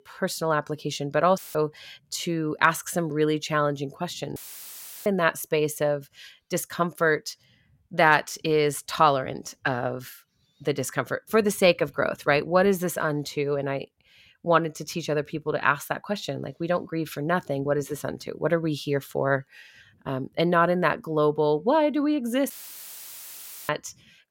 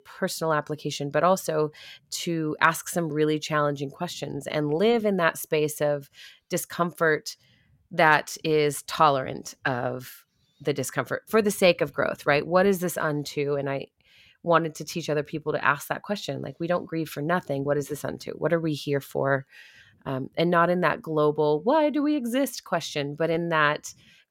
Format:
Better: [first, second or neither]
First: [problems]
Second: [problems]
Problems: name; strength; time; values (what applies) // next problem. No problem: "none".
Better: second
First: audio cutting out; filled with static; at 1.5 s, at 4.5 s for 0.5 s and at 23 s for 1 s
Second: none